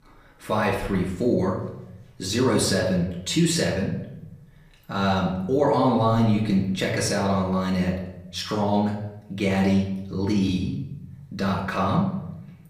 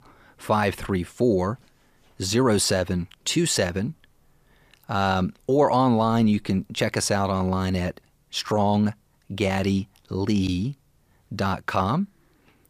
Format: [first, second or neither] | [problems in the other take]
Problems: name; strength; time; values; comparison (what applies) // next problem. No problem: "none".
second | room echo; slight; dies away in 0.7 s // off-mic speech; far